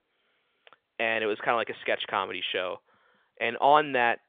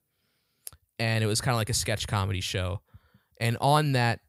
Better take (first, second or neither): second